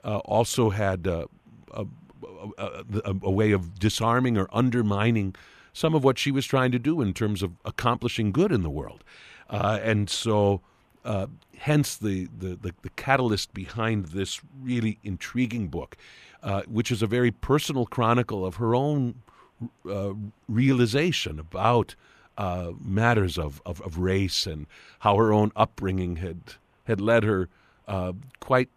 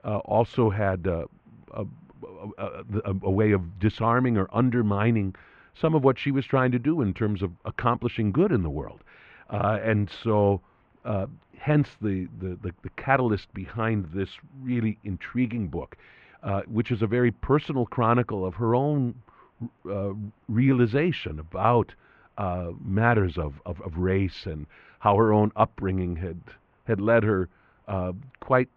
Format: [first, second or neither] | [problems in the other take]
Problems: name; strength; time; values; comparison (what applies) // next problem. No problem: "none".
first | muffled; very; fading above 2.5 kHz